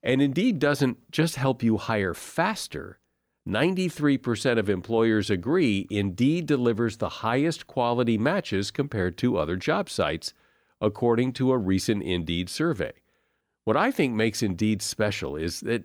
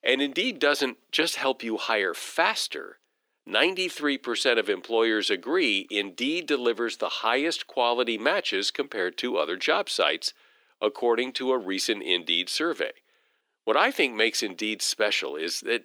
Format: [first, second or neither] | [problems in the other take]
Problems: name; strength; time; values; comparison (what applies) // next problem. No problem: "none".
first | thin; somewhat; fading below 350 Hz